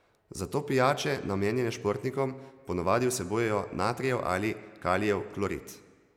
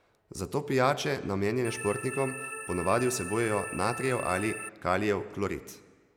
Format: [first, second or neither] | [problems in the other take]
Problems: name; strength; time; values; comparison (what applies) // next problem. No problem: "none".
first | background sound (Organ); 9 dB below the speech